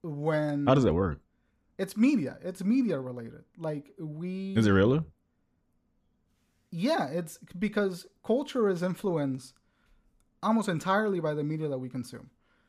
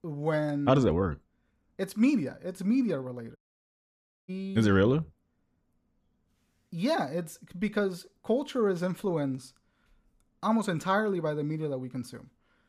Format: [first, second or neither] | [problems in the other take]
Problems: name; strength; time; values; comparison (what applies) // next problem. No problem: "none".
first | audio cutting out; at 3.5 s for 1 s